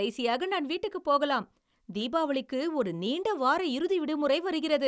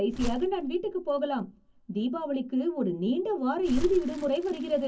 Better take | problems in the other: first | background sound (Crumpling, crinkling); 10 dB below the speech // room echo; dies away in 0.3 s

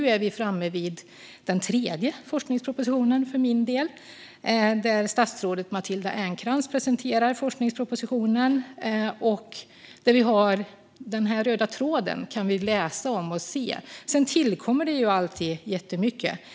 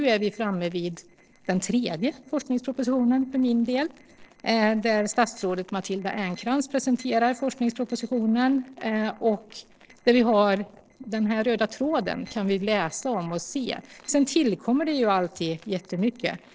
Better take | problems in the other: first | noise reduction (neural separator model SepFormer DNS4)

